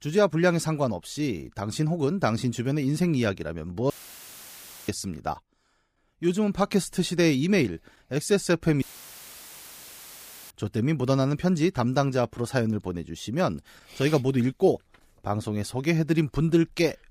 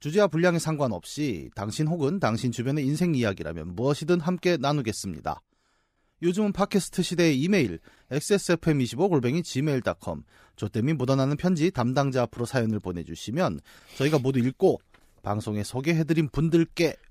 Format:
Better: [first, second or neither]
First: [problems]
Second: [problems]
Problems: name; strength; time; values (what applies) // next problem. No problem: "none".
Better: second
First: audio cutting out; filled with static; at 4 s for 1 s and at 9 s for 1.5 s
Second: none